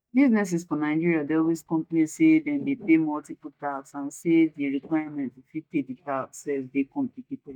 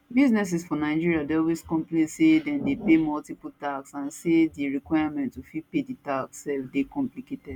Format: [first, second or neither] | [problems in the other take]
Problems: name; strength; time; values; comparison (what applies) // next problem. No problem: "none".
second | noise reduction (neural mask model DeepFilterNet 3)